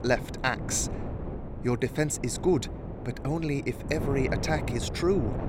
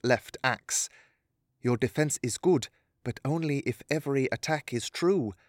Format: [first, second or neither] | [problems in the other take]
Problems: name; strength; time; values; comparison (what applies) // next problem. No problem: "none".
second | wind noise on the microphone; occasional gusts; 10 dB below the speech